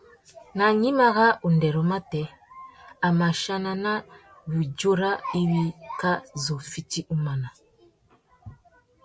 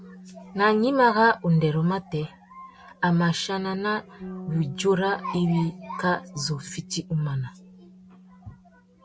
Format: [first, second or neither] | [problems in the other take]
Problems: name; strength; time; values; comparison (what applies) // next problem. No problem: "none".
first | background sound (Bass guitar); 18 dB below the speech